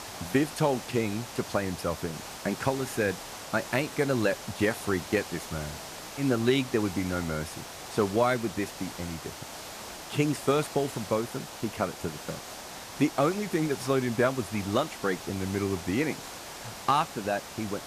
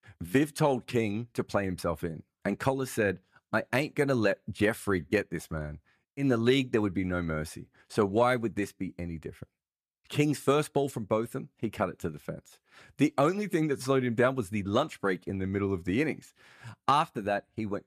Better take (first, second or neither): second